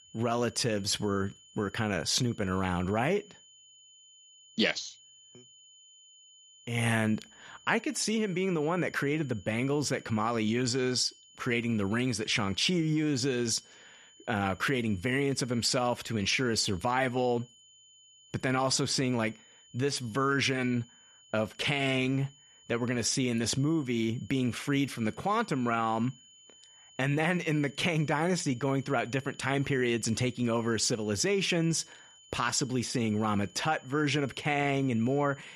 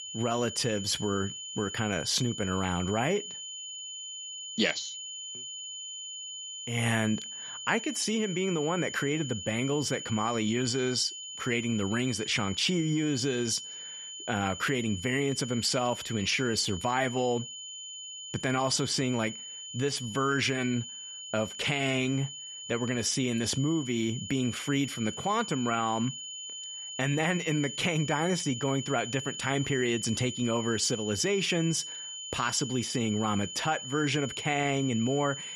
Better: first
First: high-pitched whine; faint; throughout; 3 kHz, 25 dB below the speech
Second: high-pitched whine; loud; throughout; 3 kHz, 8 dB below the speech

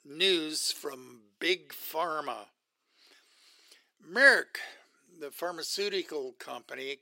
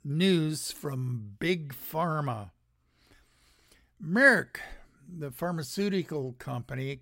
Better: second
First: thin; very; fading below 350 Hz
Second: none

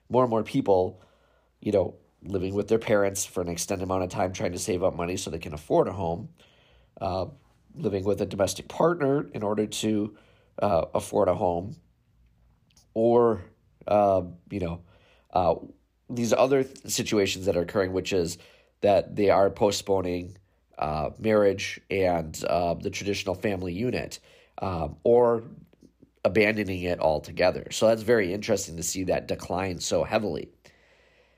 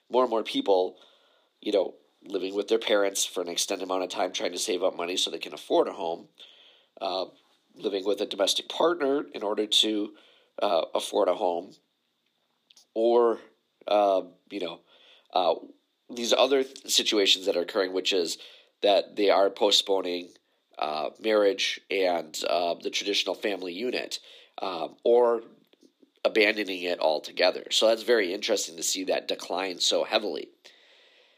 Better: first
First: none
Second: thin; very slightly; fading below 300 Hz

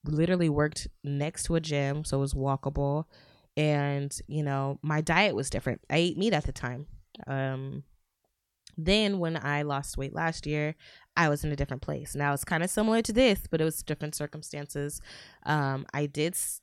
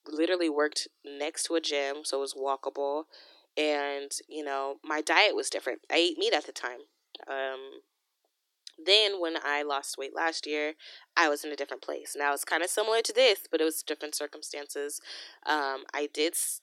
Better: first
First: none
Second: thin; very; fading below 300 Hz

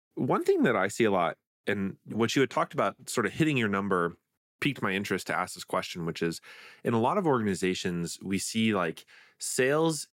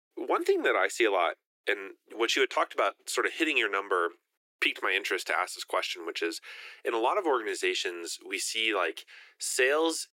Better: first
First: none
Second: thin; very; fading below 350 Hz

